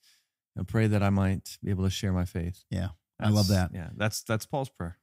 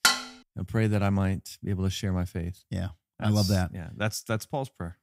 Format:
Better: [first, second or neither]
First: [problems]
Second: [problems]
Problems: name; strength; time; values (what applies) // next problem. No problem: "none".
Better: first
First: none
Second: clattering dishes; loud; at the start; peak 6 dB above the speech